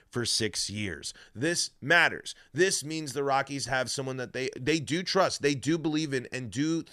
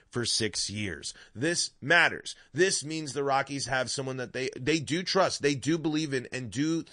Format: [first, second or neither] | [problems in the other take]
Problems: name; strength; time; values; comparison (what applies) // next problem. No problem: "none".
first | garbled, watery; slightly; nothing above 9 kHz